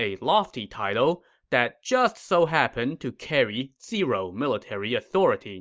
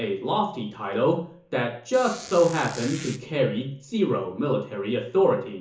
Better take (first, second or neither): first